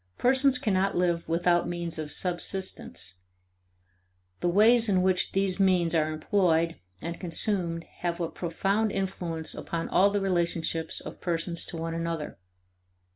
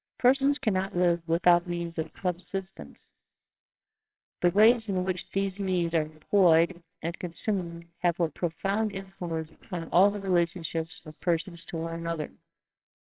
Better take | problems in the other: first | noise reduction (neural separator model SepFormer WHAMR!)

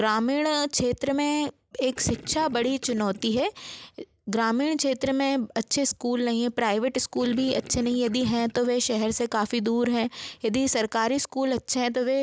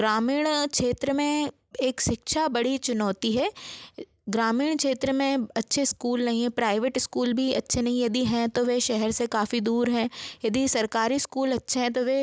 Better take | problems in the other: second | background sound (Gurgling); 18 dB below the speech

